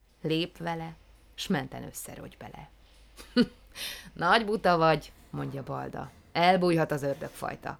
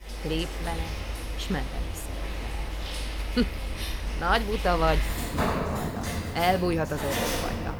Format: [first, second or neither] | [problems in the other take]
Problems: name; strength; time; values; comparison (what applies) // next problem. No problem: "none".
first | household noises; loud; throughout; 2 dB below the speech; faint in the first